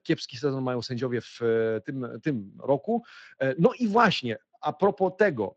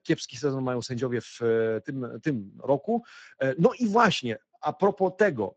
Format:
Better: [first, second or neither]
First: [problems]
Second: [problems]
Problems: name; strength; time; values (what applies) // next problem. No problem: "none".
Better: first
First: garbled, watery; slightly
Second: garbled, watery; badly; nothing above 7.5 kHz